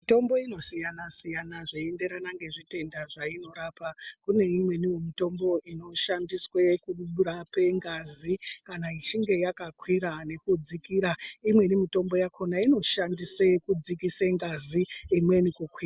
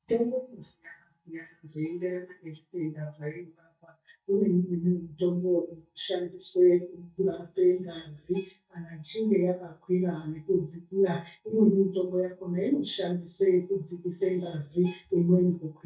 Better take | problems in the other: first | noise reduction (neural mask model DeepFilterNet 3)

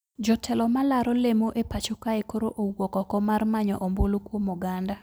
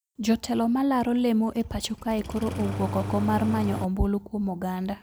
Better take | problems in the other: first | background sound (Engine starting); 7 dB below the speech

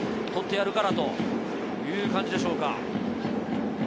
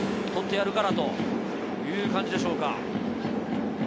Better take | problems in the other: first | background sound (Keyboard (musical)); 13 dB below the speech

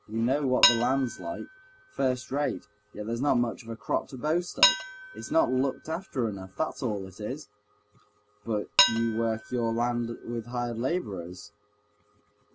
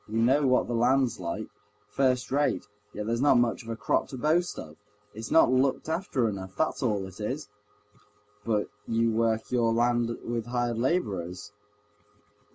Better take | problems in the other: second | background sound (Dishes, pots, and pans); 4 dB below the speech

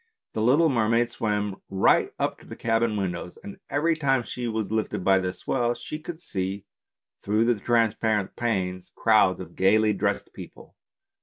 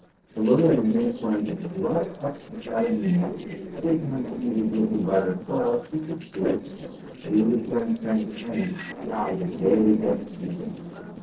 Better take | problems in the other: first | noise reduction (neural separator model SepFormer DNS4)

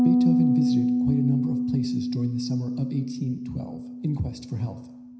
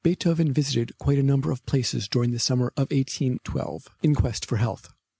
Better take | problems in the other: second | background sound (Piano); 4 dB above the speech // room echo; dies away in 0.9 s

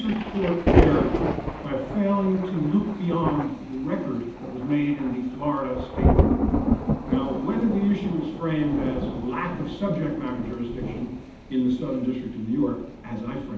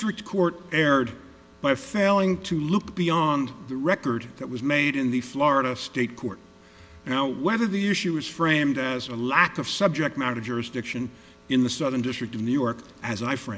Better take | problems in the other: second | background sound (Thunder); 1 dB below the speech // room echo; dies away in 0.8 s

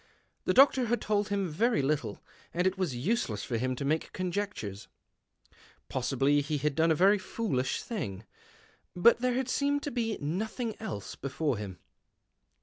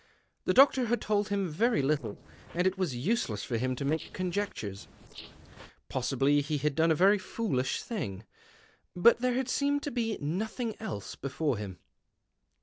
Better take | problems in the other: first | noise reduction (neural separator model SepFormer DNS4)

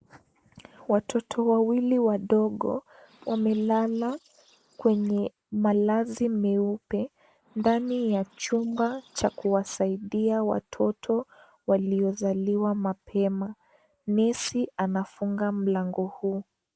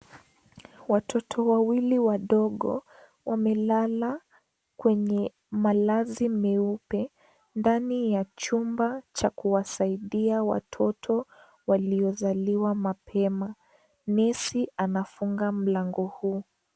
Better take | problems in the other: second | noise reduction (neural mask model Resemble Enhance denoiser)

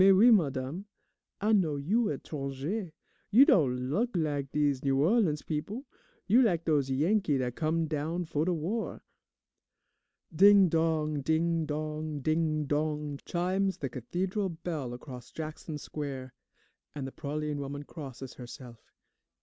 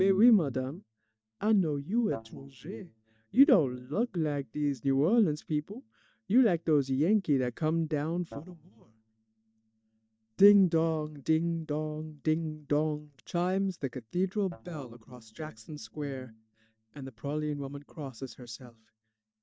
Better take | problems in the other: first | noise reduction (neural mask model DeepFilterNet 3)

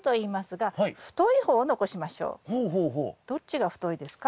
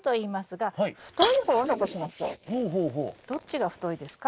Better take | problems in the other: first | noise reduction (neural mask model Resemble Enhance denoiser)

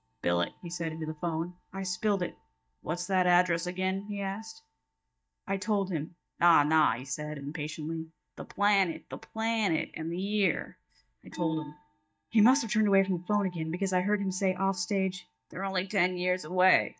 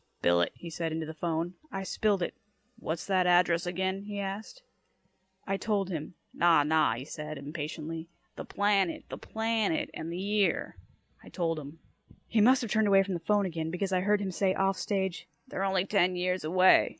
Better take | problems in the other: second | noise reduction (neural mask model DeepFilterNet 3)

